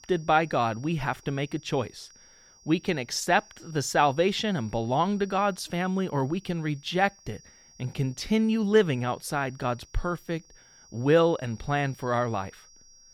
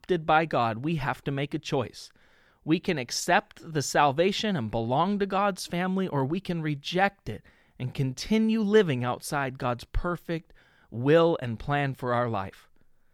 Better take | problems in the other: second | high-pitched whine; faint; throughout; 5.5 kHz, 25 dB below the speech

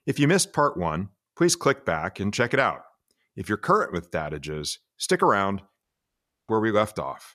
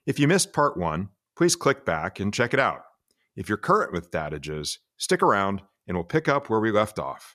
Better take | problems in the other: second | audio cutting out; at 6 s for 0.5 s

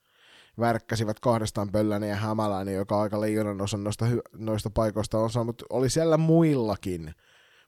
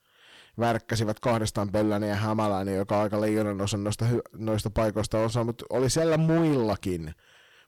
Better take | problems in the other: first | distortion; slight; 10% of the sound clipped

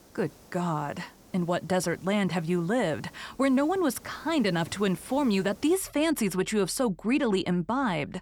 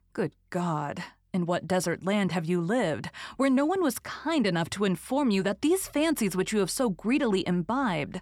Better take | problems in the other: second | hiss; faint; until 6 s; 25 dB below the speech

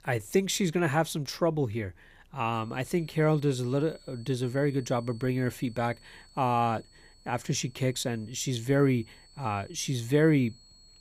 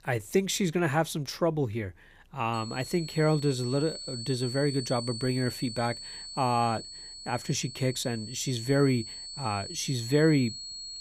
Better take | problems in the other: first | high-pitched whine; loud; from 2.5 s on; 4.5 kHz, 10 dB below the speech; faint in the first

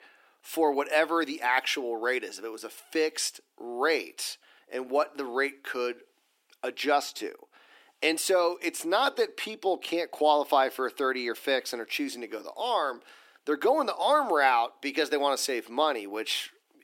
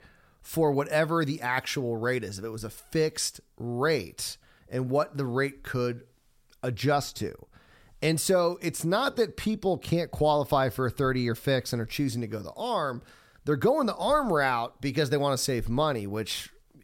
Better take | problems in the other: second | thin; somewhat; fading below 300 Hz

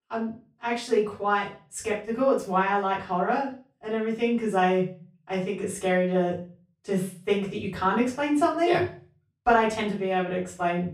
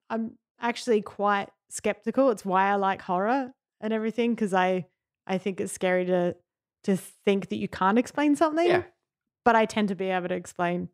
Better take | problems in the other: second | off-mic speech; far // room echo; slight; dies away in 0.3 s

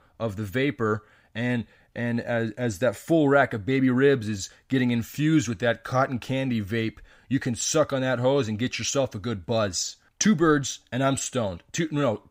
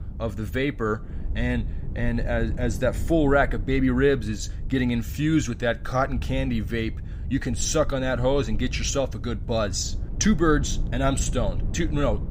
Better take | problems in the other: first | low rumble; noticeable; throughout; 20 dB below the speech

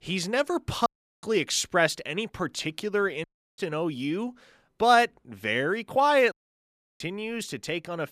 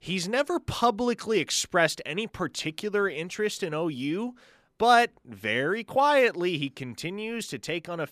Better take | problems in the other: second | audio cutting out; at 1 s, at 3 s and at 6.5 s for 0.5 s

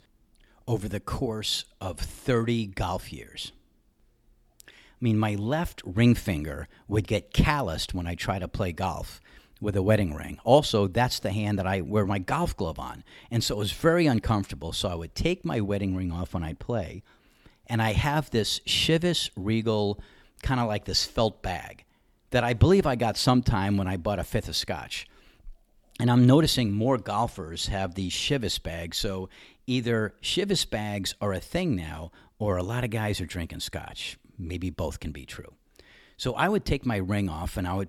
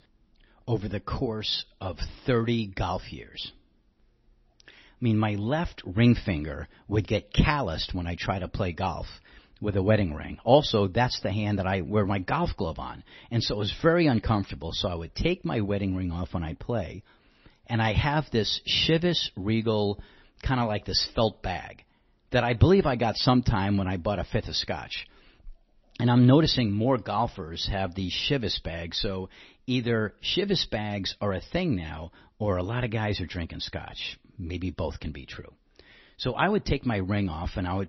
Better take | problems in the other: first | garbled, watery; slightly; nothing above 5.5 kHz

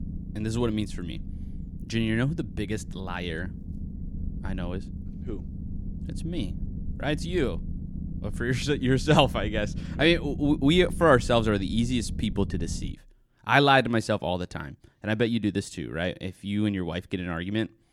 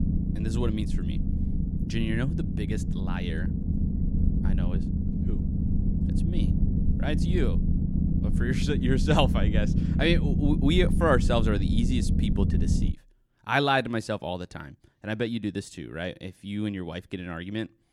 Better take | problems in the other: first | low rumble; loud; until 13 s; 7 dB below the speech; faint in the first

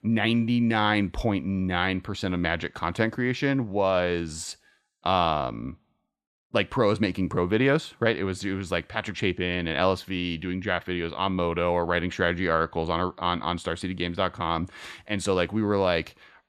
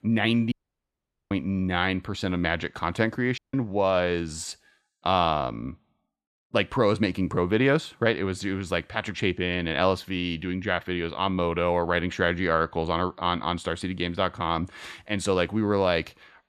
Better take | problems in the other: first | audio cutting out; at 0.5 s for 1 s and at 3.5 s

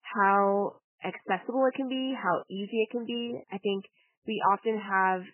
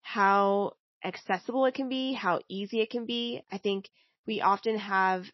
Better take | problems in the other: second | garbled, watery; badly; nothing above 3 kHz; slightly in the second

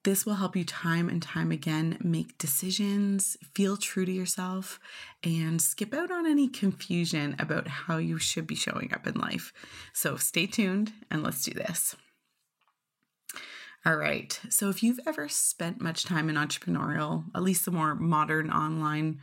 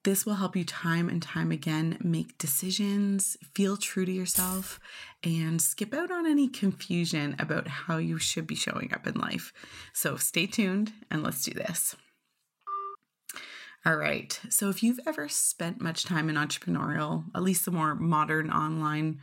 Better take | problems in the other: first | jangling keys; loud; at 4.5 s; peak 1 dB above the speech // phone ringing; noticeable; at 13 s; peak 7 dB below the speech

